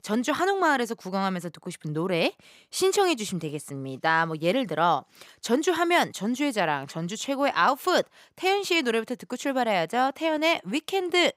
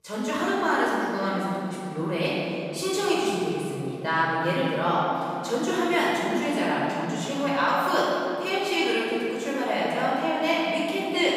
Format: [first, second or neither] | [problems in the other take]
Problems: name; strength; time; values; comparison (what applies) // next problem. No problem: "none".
first | off-mic speech; far // room echo; strong; dies away in 2.6 s